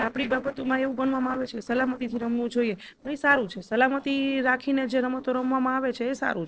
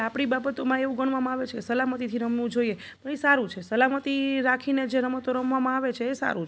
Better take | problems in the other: second | noise reduction (neural separator model SepFormer DNS4)

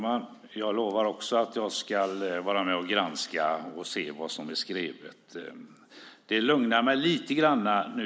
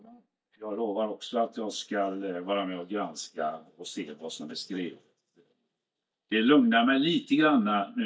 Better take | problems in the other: first | noise reduction (neural mask model DeepFilterNet 3)

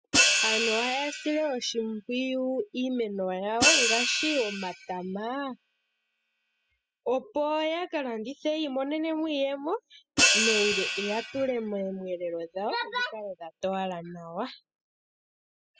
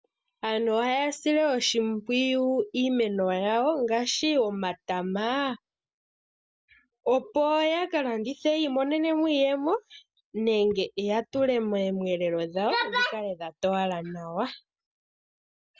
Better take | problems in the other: second | noise reduction (classical method spectral subtraction)

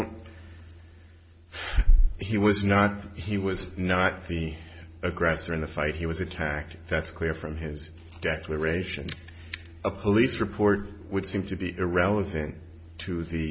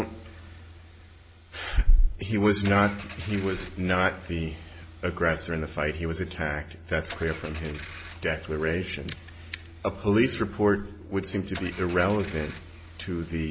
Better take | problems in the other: first | background sound (Engine / Car); 20 dB below the speech

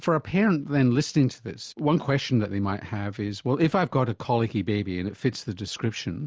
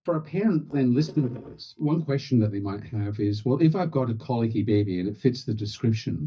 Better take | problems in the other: first | noise reduction (neural mask model DeepFilterNet 3)

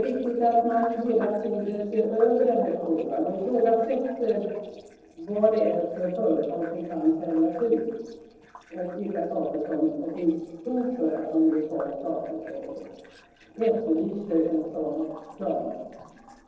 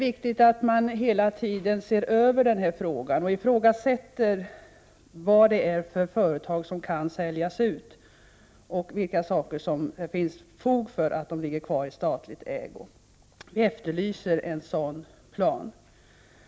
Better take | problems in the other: second | noise reduction (neural separator model SepFormer DNS4)

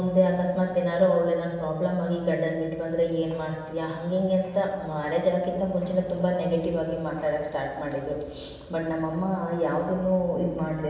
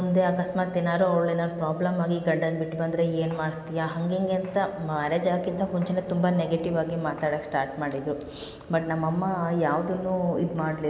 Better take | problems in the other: second | room echo; dies away in 0.9 s

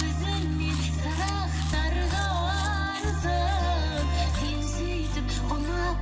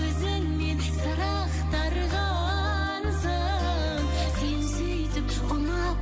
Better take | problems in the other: second | background sound (Chewing, mastication); 19 dB below the speech // room echo; dies away in 0.3 s

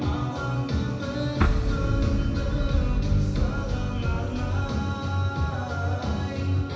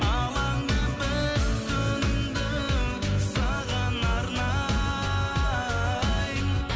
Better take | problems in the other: second | background sound (Boom); as loud as the speech // room echo; dies away in 1 s

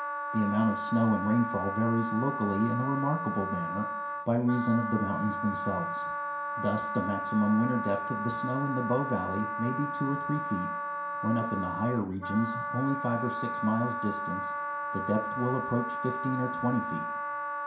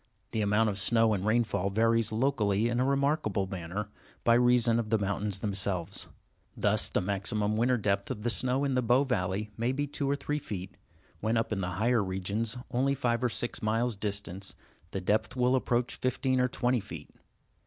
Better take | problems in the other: second | background sound (Wind instrument, woodwind instrument); 4 dB below the speech // room echo; dies away in 0.5 s

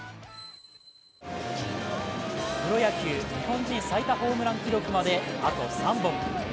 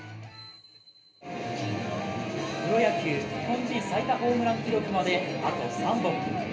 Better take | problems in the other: first | room echo; dies away in 0.3 s

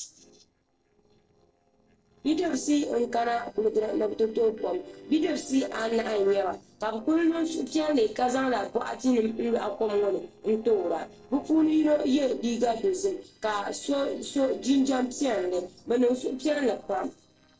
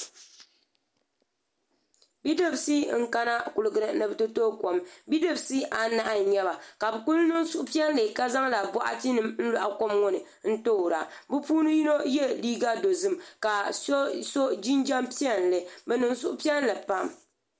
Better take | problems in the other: second | noise reduction (neural separator model SepFormer DNS4)

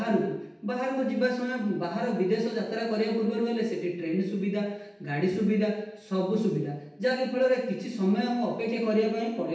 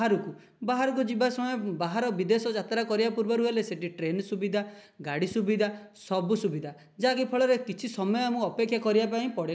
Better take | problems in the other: second | room echo; dies away in 0.9 s

